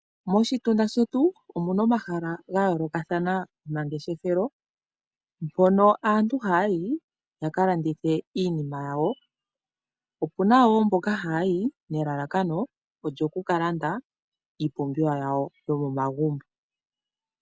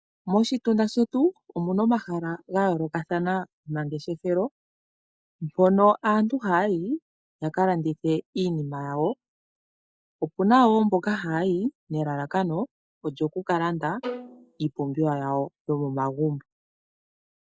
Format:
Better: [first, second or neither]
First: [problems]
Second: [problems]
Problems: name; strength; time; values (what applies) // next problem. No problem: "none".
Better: first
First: none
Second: noise reduction (neural mask model DeepFilterNet 3)